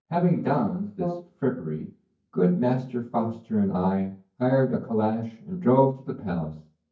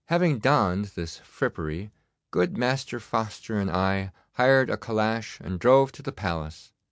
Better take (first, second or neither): second